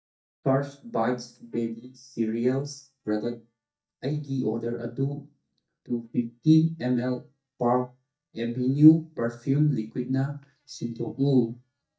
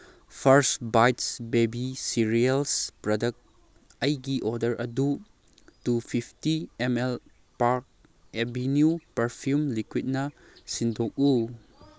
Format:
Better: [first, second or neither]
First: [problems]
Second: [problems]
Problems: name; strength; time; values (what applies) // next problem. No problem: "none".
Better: second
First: noise reduction (neural mask model DeepFilterNet 3)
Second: none